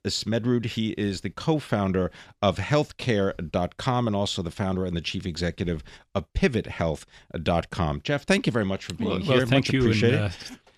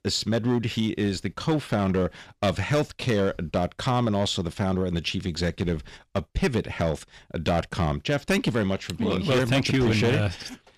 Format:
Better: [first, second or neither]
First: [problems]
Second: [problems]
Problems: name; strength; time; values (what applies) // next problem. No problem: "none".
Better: first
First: none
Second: distortion; slight; 7% of the sound clipped